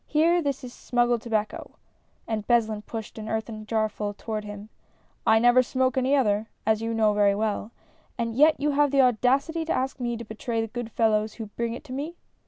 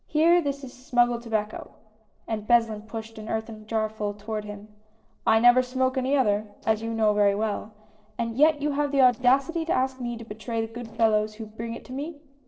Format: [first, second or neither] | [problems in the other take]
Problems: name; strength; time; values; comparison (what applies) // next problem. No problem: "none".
first | noise reduction (neural separator model SepFormer DNS4)